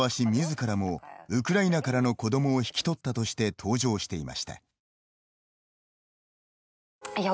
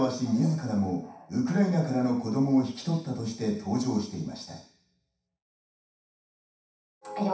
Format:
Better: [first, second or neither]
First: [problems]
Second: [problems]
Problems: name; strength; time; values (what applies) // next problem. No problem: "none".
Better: first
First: none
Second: room echo; dies away in 0.7 s